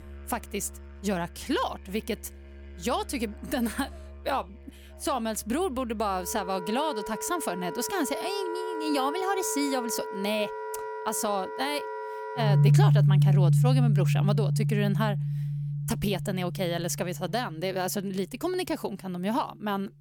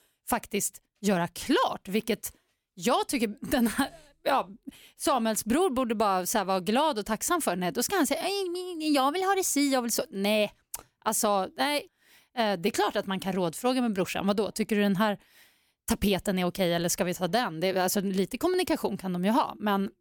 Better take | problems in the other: second | background music; very loud; throughout; 3 dB above the speech

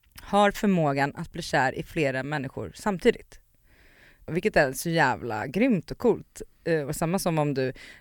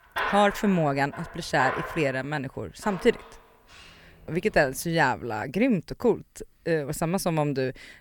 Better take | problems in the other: first | machinery noise; loud; until 5 s; 9 dB below the speech

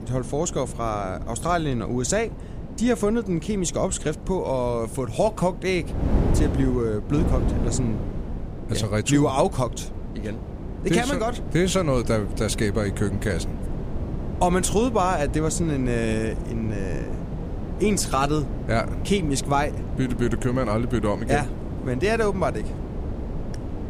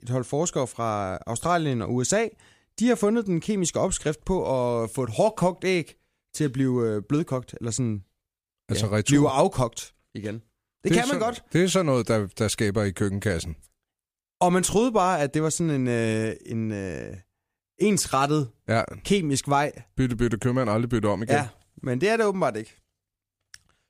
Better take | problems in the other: second | wind noise on the microphone; occasional gusts; 10 dB below the speech

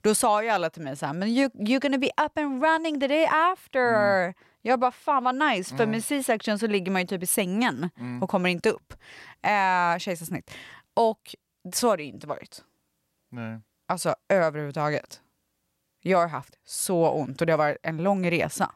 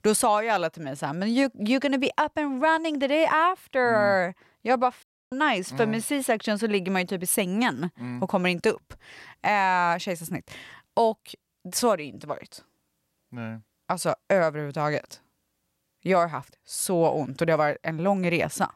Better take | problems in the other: first | audio cutting out; at 5 s

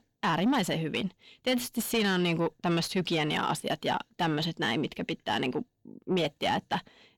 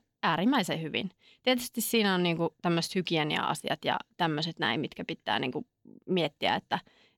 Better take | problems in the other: second | distortion; slight; 10 dB below the speech

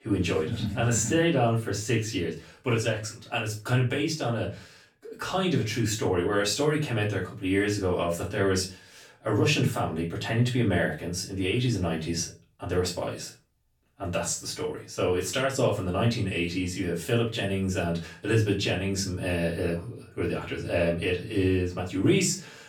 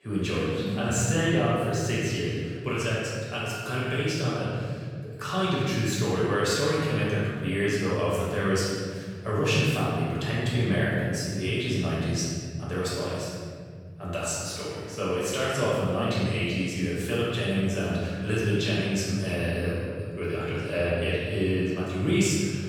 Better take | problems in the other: first | room echo; strong; dies away in 2.5 s; slight in the first // off-mic speech; far; far in the first

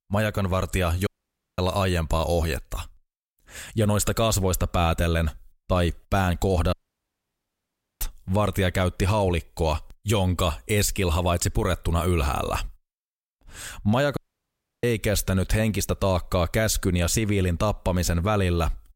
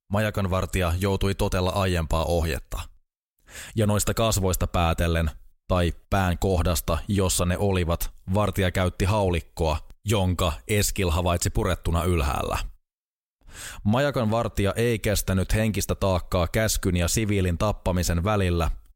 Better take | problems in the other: second | audio cutting out; at 1 s for 0.5 s, at 6.5 s for 1.5 s and at 14 s for 0.5 s

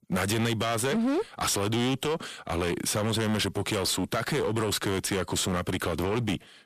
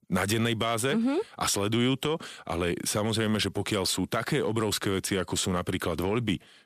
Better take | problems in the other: second | distortion; slight; 19% of the sound clipped

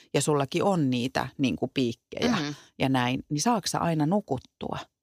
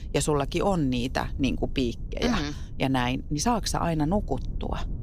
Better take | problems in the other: first | low rumble; faint; throughout; 25 dB below the speech

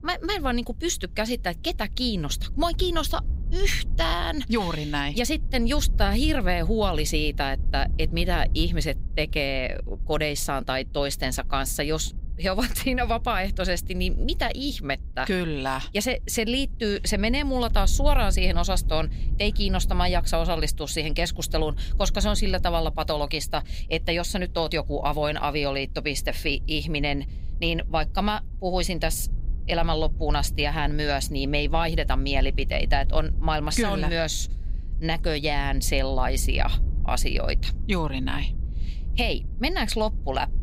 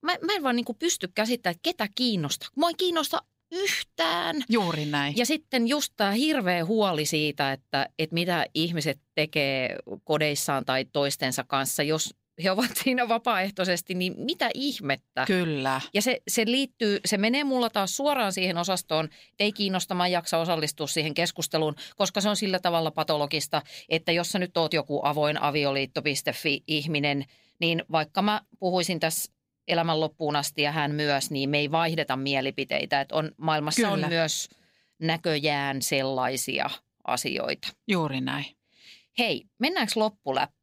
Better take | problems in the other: second | low rumble; faint; throughout; 25 dB below the speech

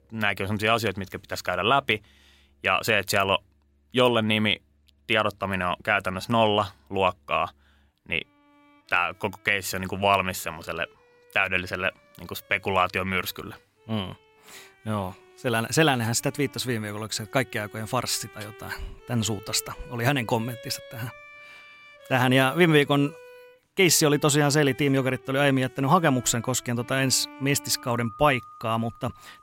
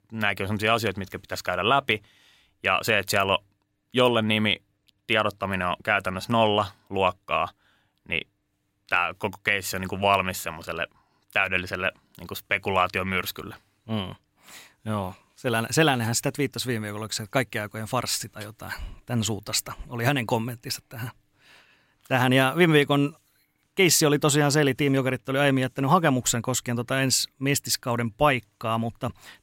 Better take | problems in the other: second | background music; faint; throughout; 25 dB below the speech

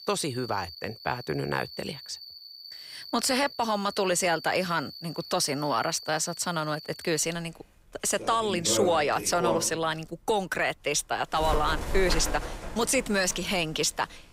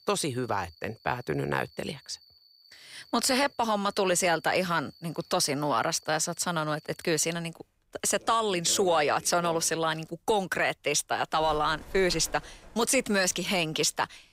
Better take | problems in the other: second | animal sounds; loud; throughout; 10 dB below the speech; faint in the second

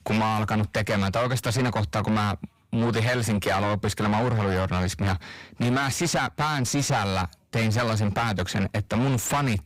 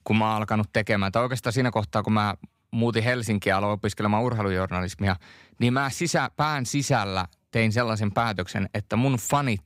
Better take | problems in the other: second | distortion; heavy; 6 dB below the speech

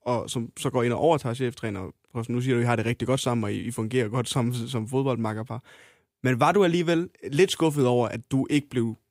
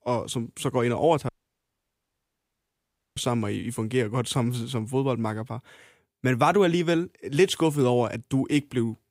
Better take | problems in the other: first | audio cutting out; at 1.5 s for 2 s

